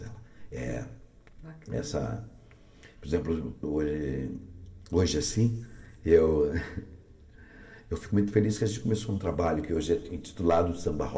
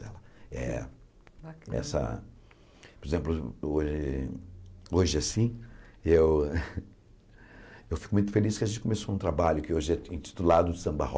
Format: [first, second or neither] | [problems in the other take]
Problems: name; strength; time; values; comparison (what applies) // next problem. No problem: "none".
second | room echo; dies away in 1.6 s